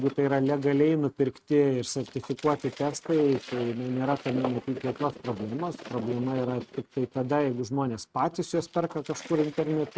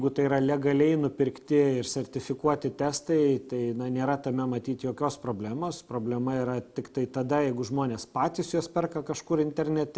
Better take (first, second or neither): second